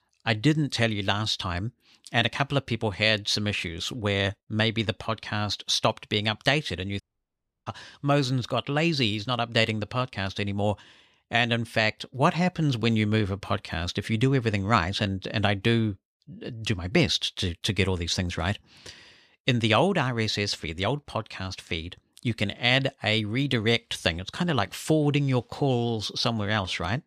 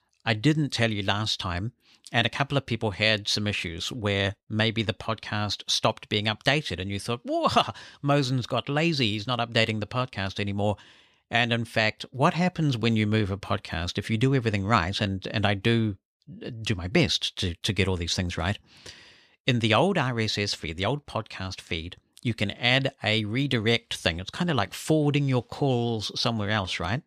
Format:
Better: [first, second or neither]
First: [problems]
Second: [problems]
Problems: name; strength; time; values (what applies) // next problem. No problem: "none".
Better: second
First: audio cutting out; at 7 s for 0.5 s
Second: none